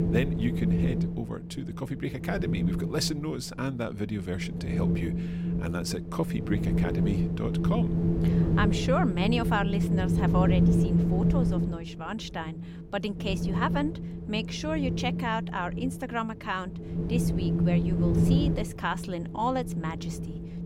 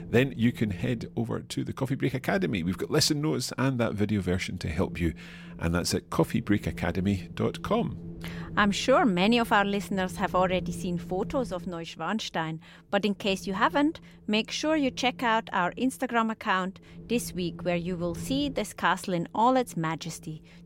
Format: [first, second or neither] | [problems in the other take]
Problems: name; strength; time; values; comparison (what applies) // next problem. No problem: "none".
second | wind noise on the microphone; heavy; 3 dB below the speech; occasional gusts in the second